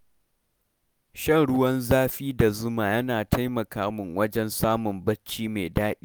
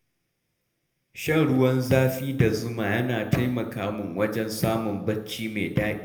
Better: first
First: none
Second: room echo; dies away in 0.7 s

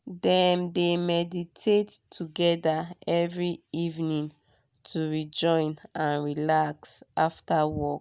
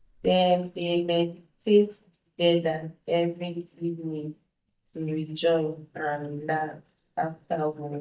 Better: first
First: none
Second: noise reduction (neural mask model DeepFilterNet 3)

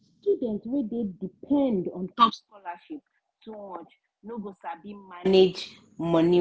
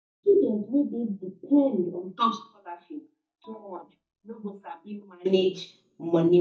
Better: first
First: none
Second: noise reduction (neural mask model DeepFilterNet 3)

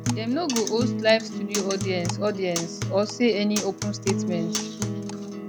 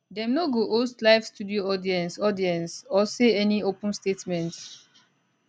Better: second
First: background sound (Acoustic guitar); 3 dB below the speech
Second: none

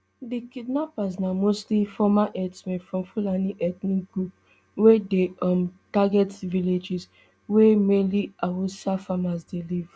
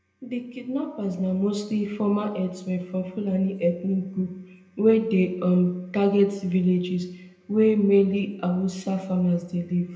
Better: first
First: none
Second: room echo; dies away in 0.8 s

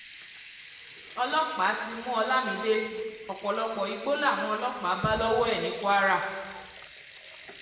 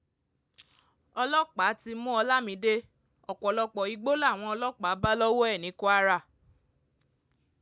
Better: second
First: background sound (Sink (filling or washing) / Water tap, faucet / Liquid); 19 dB below the speech // room echo; dies away in 1.3 s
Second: none

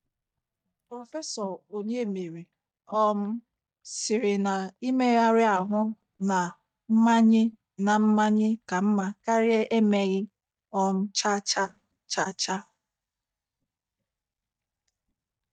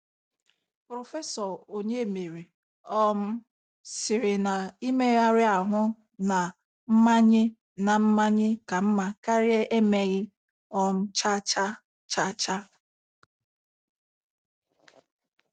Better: second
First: noise reduction (neural mask model DeepFilterNet 3)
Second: none

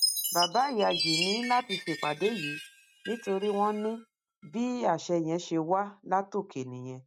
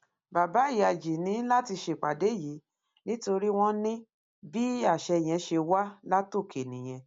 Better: second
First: noise reduction (neural mask model RNNoise)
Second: none

